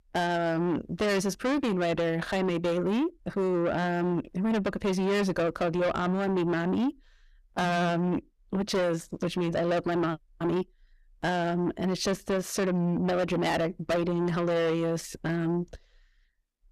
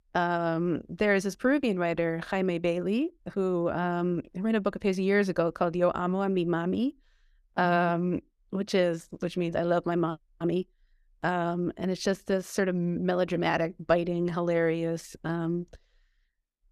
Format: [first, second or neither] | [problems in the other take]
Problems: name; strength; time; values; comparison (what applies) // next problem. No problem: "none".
second | distortion; heavy; 7 dB below the speech